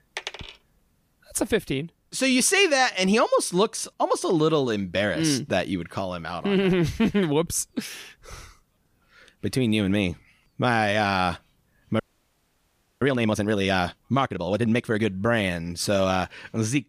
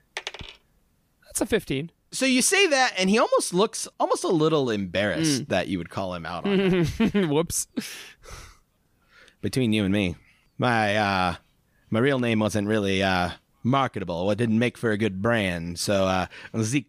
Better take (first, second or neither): second